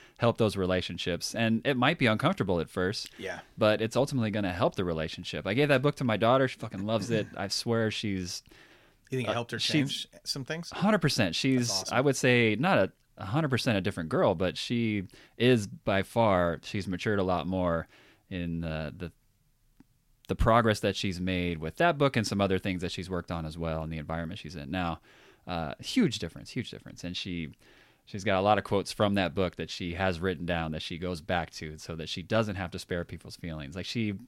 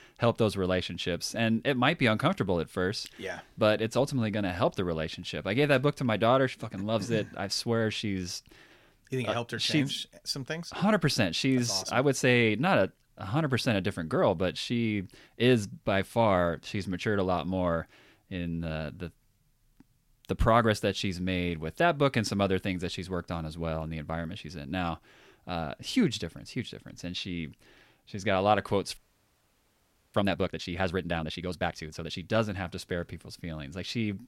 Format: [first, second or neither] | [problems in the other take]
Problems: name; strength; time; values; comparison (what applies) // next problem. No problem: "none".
first | audio freezing; at 29 s for 1 s